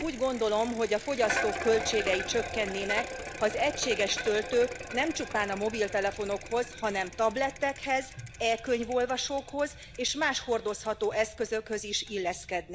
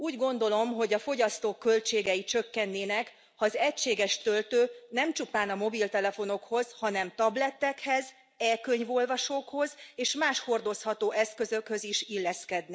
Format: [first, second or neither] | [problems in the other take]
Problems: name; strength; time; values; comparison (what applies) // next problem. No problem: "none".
second | background sound (Bicycle); 10 dB below the speech